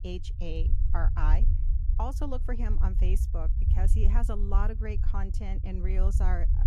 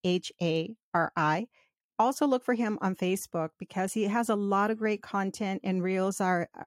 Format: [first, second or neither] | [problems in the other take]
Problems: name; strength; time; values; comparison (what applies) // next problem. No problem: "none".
second | low rumble; loud; throughout; 9 dB below the speech